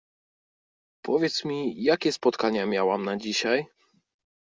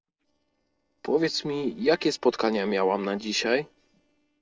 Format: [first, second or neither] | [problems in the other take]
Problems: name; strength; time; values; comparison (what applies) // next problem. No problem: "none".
first | noise reduction (neural separator model SepFormer DNS4)